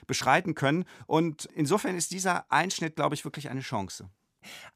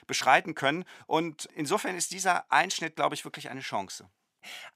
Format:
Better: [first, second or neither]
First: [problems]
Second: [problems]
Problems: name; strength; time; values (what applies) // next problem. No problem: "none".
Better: first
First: none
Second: thin; somewhat; fading below 400 Hz